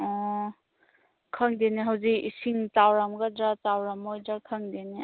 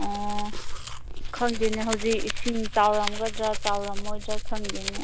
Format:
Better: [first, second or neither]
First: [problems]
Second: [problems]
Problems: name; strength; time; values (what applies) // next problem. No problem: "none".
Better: first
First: none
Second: background sound (Domestic sounds, home sounds); 1 dB above the speech